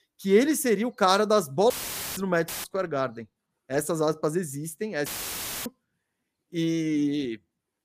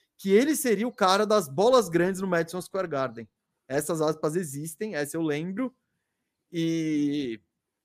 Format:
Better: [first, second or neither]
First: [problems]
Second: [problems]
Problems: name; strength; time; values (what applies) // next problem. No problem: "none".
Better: second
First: audio cutting out; filled with static; at 1.5 s, at 2.5 s and at 5 s for 0.5 s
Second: none